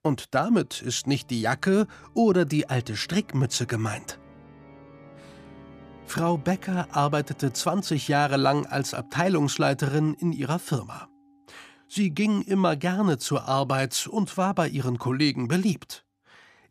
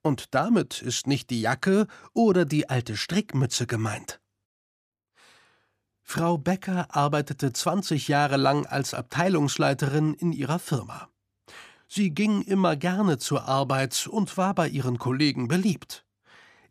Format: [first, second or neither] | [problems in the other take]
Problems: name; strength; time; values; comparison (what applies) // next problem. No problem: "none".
second | background music; faint; throughout; 25 dB below the speech